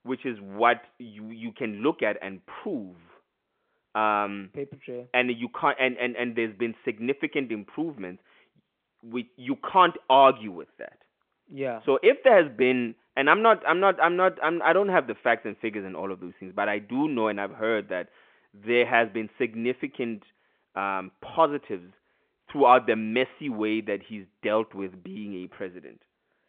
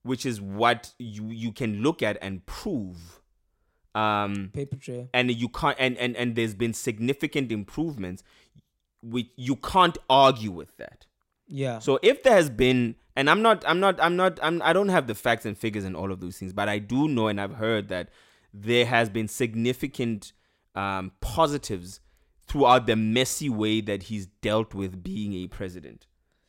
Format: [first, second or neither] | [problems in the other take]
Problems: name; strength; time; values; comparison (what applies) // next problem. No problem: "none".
second | phone-call audio; nothing above 3.5 kHz